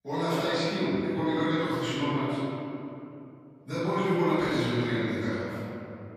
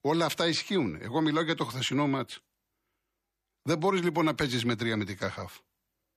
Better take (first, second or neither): second